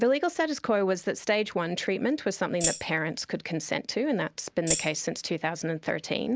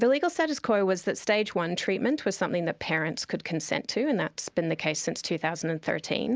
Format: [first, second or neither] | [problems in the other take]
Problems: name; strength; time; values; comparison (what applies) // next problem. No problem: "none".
second | background sound (Tambourine); 3 dB below the speech